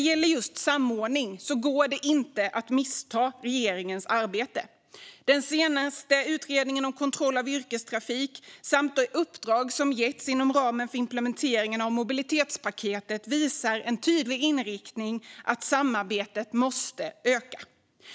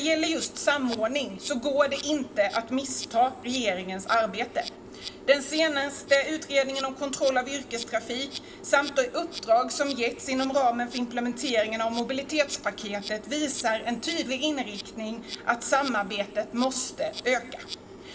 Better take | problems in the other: first | background sound (Insect); 14 dB below the speech // room echo; dies away in 0.7 s

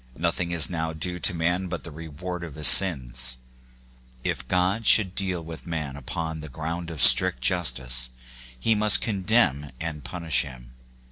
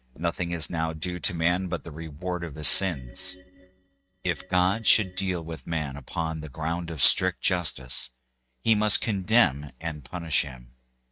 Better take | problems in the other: first | noise reduction (neural mask model RNNoise)

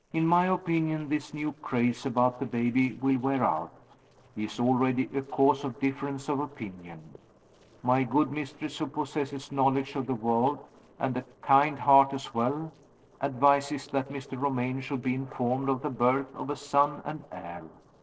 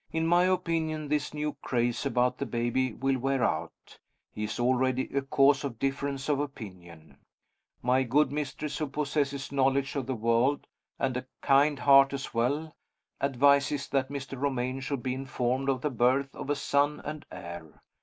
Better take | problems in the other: second | noise reduction (neural separator model SepFormer DNS4)

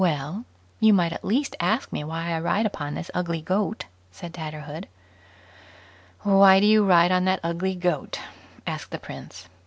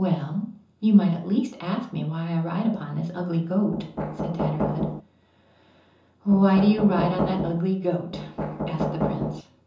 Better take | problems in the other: first | background sound (Knock); 3 dB below the speech // room echo; dies away in 0.6 s

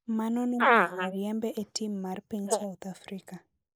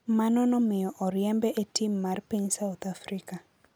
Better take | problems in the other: second | noise reduction (neural mask model Resemble Enhance denoiser)

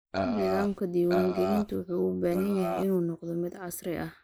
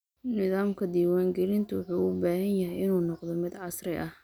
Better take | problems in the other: second | noise reduction (neural mask model Resemble Enhance denoiser)

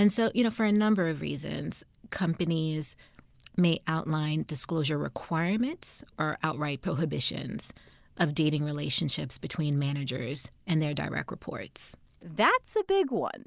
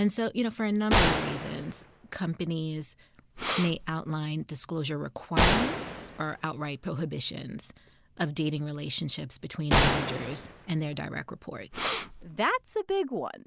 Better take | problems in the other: first | background sound (Gunshot, gunfire + Breathing); as loud as the speech

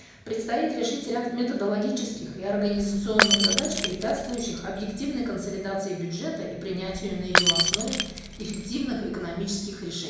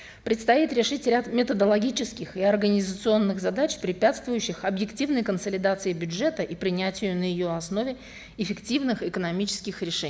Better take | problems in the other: second | background sound (Shatter / Crushing); as loud as the speech // room echo; dies away in 1 s

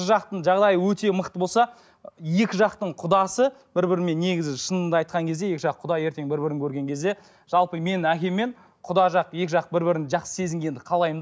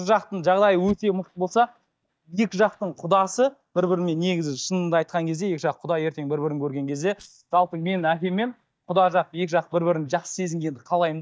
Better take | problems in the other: first | noise reduction (neural mask model DeepFilterNet 3)

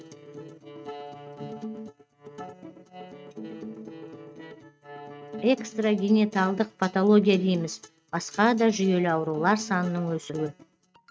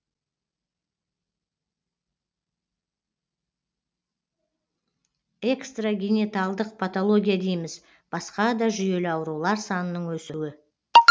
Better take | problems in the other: second | noise reduction (neural mask model RNNoise)

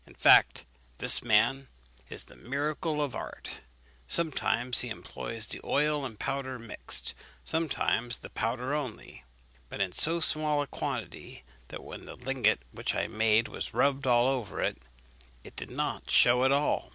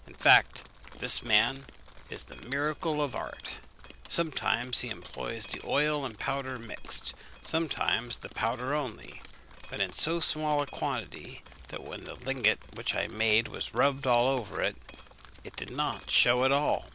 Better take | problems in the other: first | background sound (Drip); 17 dB below the speech

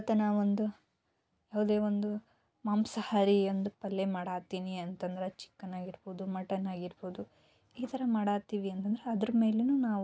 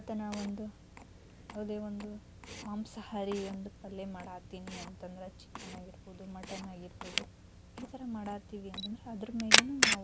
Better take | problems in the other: first | background sound (Camera); 4 dB above the speech

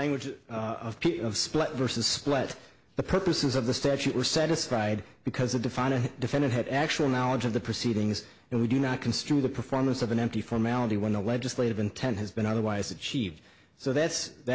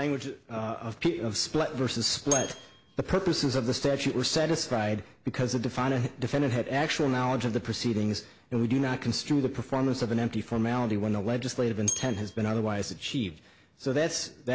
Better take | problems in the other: first | background sound (Bell); 8 dB below the speech

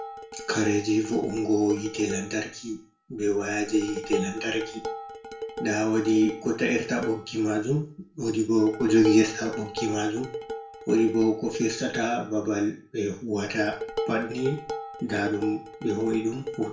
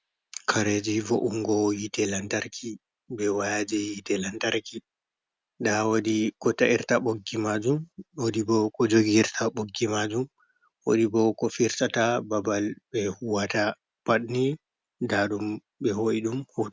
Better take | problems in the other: second | background sound (Dishes, pots, and pans); 11 dB below the speech // room echo; dies away in 0.4 s

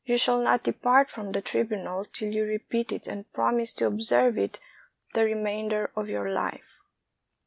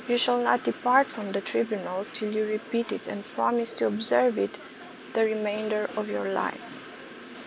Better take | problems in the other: first | background sound (Train); 15 dB below the speech

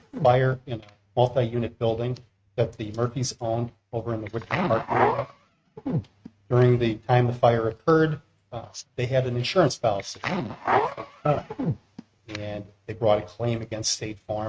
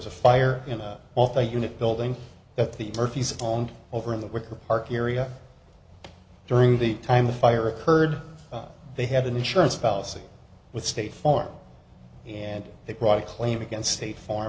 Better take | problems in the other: second | noise reduction (neural mask model RNNoise)

